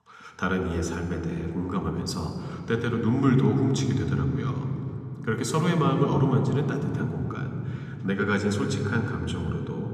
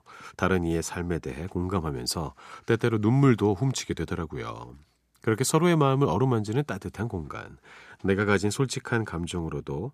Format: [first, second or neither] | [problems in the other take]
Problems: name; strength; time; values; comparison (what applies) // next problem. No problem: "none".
second | room echo; noticeable; dies away in 3 s